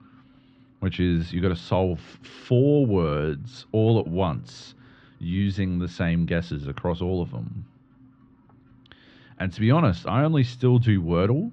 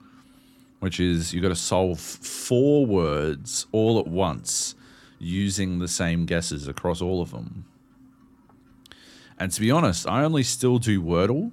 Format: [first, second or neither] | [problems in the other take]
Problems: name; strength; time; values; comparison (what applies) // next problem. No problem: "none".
second | muffled; very; fading above 3.5 kHz